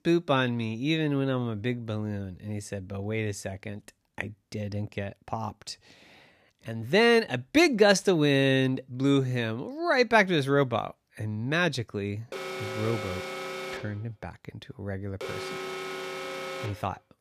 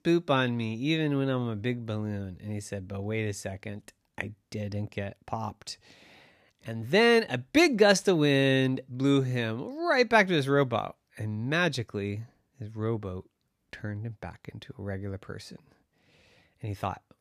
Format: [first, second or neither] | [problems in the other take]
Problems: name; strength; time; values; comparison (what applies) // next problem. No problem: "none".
second | alarm; noticeable; from 12 s on; peak 7 dB below the speech